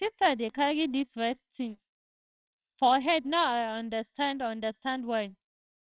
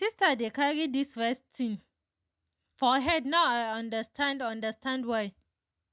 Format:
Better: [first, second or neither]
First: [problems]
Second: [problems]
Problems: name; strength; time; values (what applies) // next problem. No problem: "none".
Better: second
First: noise reduction (neural separator model SepFormer WHAMR!)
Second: none